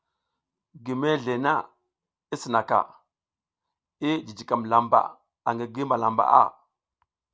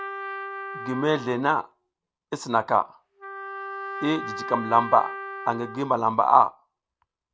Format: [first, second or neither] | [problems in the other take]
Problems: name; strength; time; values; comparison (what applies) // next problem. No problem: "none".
first | background sound (Trumpet); 11 dB below the speech